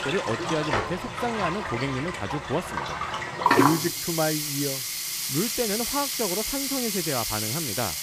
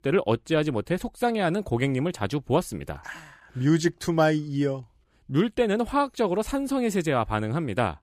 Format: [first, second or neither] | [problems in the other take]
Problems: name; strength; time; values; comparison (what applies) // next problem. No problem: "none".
second | household noises; very loud; throughout; 3 dB above the speech